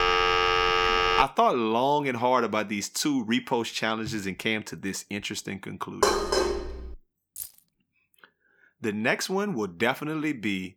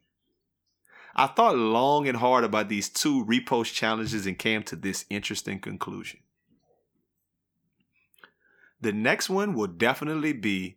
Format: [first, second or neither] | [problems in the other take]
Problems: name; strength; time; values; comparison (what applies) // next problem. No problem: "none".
second | phone ringing; loud; until 1 s; peak 6 dB above the speech // clattering dishes; loud; at 6 s; peak 3 dB above the speech // jangling keys; faint; at 7.5 s; peak 10 dB below the speech